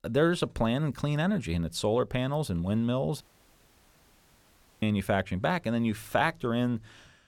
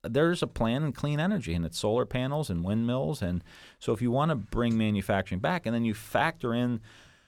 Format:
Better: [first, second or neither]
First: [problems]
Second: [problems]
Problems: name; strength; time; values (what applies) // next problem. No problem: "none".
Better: second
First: audio cutting out; at 3 s for 1.5 s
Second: none